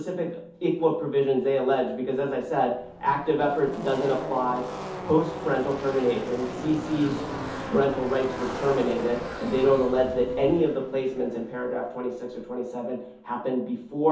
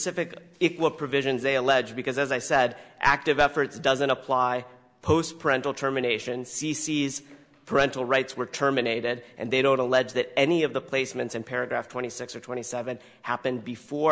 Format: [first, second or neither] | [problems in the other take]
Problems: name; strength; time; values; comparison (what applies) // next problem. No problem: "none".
second | background sound (Car passing by / Race car, auto racing); 11 dB below the speech // room echo; dies away in 0.5 s